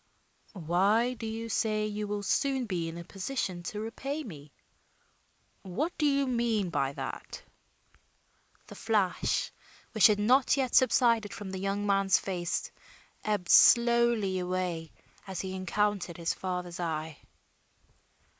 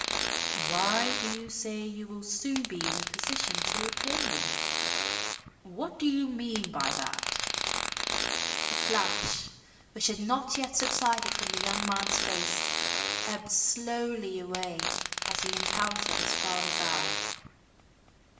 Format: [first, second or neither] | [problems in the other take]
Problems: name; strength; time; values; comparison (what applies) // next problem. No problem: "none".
first | background sound (Fart); 2 dB above the speech // room echo; dies away in 1 s